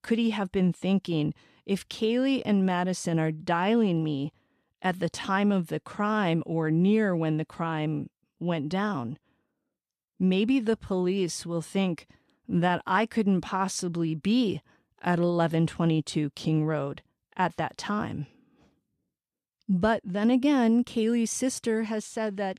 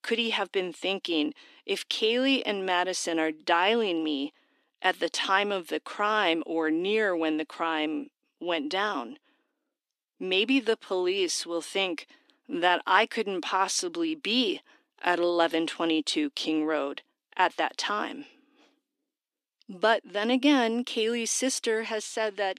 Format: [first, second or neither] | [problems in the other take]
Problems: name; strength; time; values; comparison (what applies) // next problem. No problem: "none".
first | thin; somewhat; fading below 300 Hz